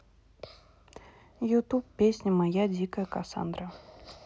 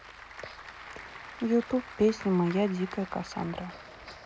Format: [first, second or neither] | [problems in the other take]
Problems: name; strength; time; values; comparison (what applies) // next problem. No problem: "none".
first | background sound (Applause / Crowd); 15 dB below the speech